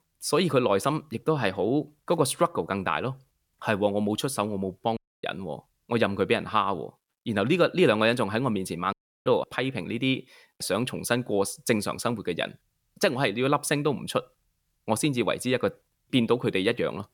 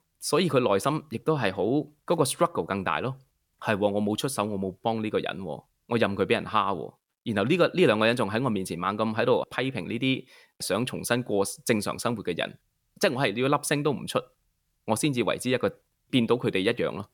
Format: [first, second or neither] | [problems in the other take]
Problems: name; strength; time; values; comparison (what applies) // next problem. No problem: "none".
second | audio cutting out; at 5 s and at 9 s